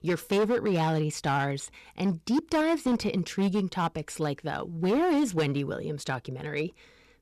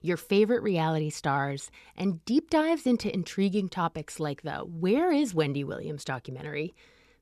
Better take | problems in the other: second | distortion; slight; 9% of the sound clipped

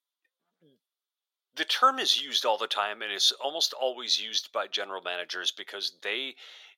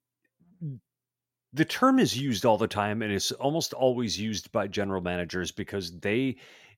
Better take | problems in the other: second | thin; very; fading below 500 Hz

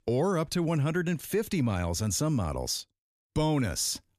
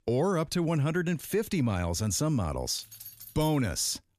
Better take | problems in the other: first | jangling keys; faint; at 3 s; peak 15 dB below the speech

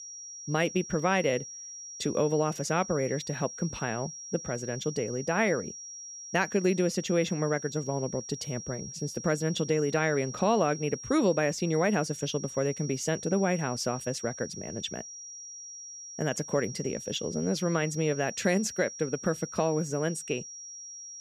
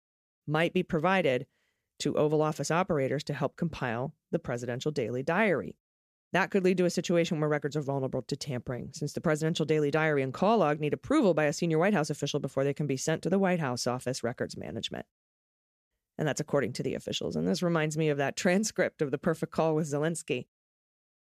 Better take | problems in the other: second | high-pitched whine; noticeable; throughout; 5.5 kHz, 10 dB below the speech

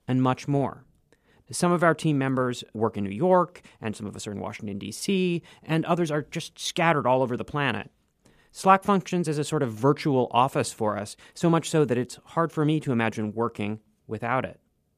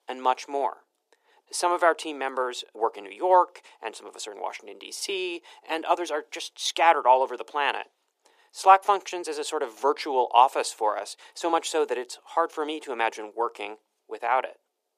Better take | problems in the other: first | thin; very; fading below 350 Hz

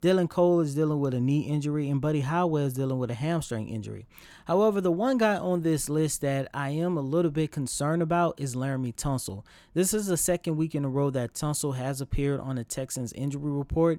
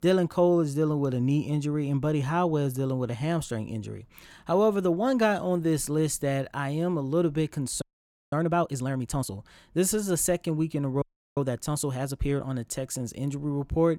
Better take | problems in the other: first | audio freezing; at 8 s for 0.5 s and at 11 s

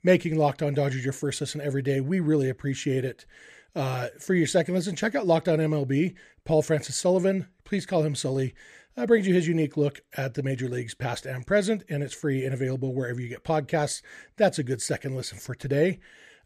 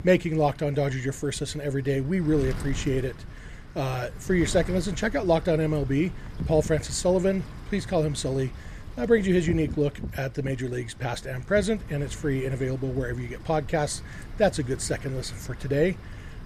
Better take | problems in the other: first | wind noise on the microphone; occasional gusts; 20 dB below the speech

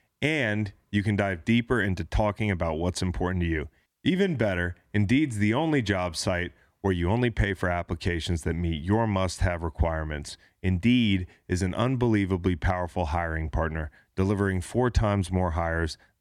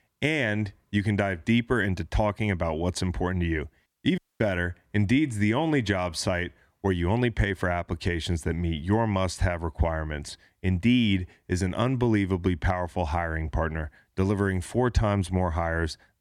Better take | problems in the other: first | audio cutting out; at 4 s

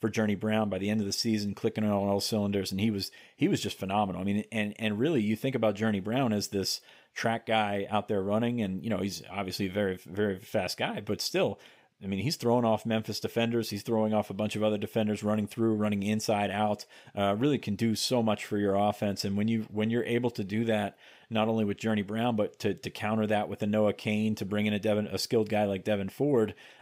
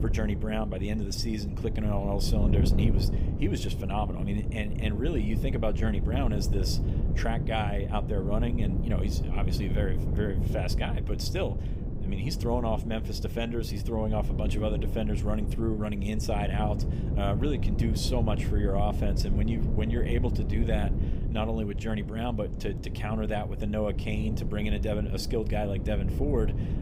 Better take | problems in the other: first | wind noise on the microphone; heavy; 7 dB below the speech

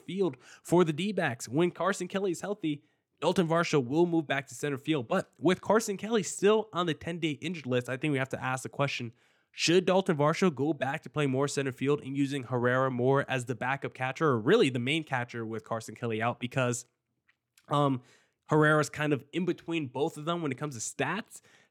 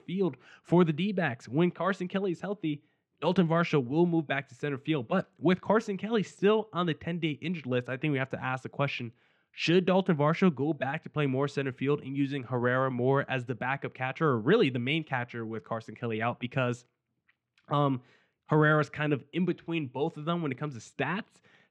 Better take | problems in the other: first | muffled; slightly; fading above 3 kHz

